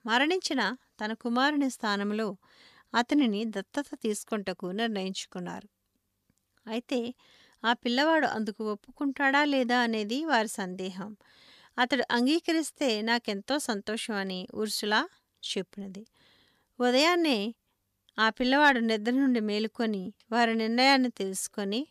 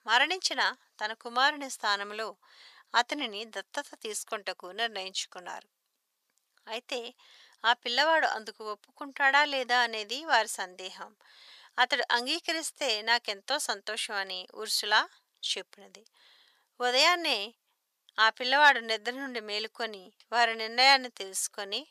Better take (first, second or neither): first